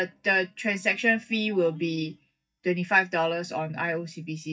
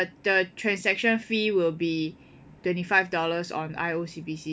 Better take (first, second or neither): second